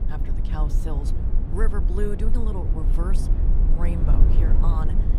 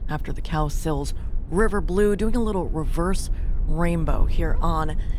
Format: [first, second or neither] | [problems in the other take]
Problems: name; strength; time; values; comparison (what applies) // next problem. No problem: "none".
second | low rumble; loud; throughout; 3 dB below the speech; faint in the second